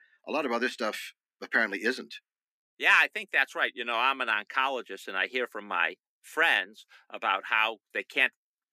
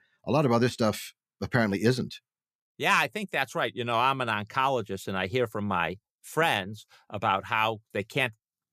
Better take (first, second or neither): second